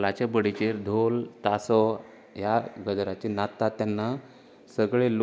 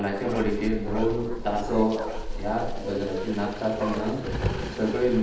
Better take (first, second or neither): first